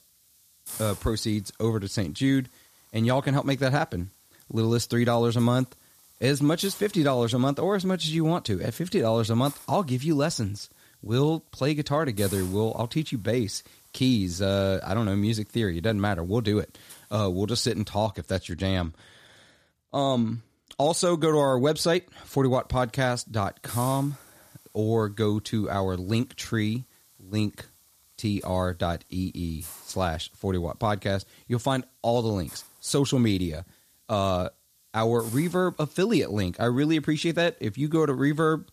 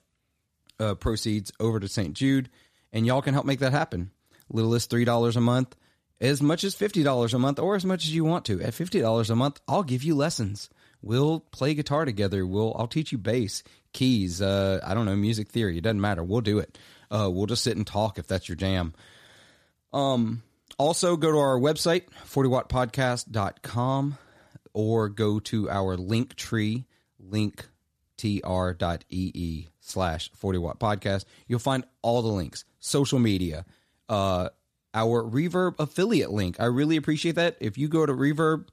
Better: second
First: hiss; noticeable; until 18 s and from 23 s on; 20 dB below the speech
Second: none

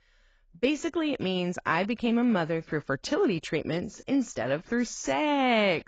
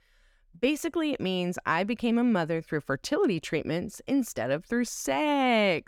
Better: second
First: garbled, watery; badly; nothing above 7.5 kHz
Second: none

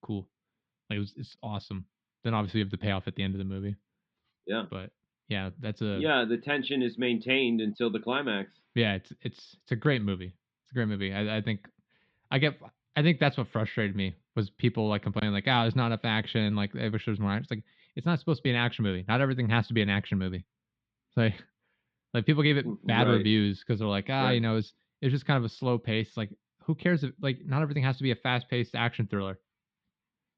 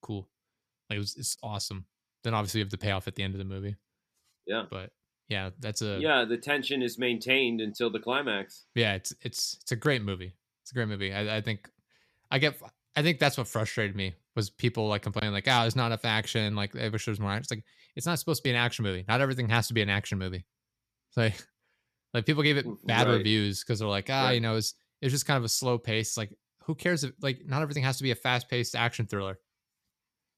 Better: second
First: muffled; slightly; fading above 3.5 kHz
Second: none

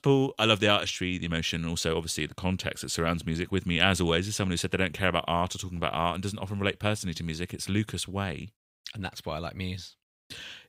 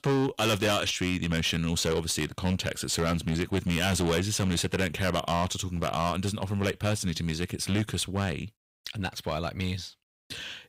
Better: first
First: none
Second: distortion; heavy; 10% of the sound clipped

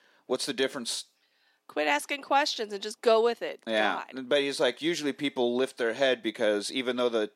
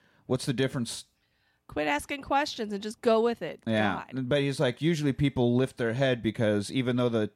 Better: second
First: thin; somewhat; fading below 350 Hz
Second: none

